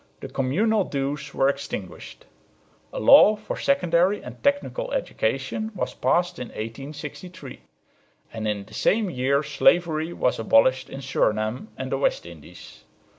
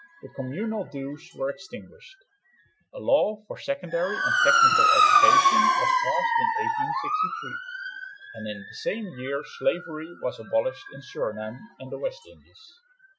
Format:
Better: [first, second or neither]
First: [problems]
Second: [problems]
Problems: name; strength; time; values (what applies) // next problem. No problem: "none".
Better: first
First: none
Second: noise reduction (classical method Wiener filter)